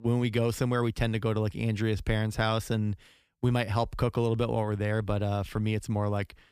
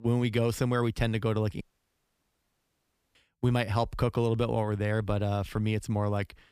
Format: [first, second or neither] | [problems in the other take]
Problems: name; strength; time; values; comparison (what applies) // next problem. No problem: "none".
first | audio cutting out; at 1.5 s for 1.5 s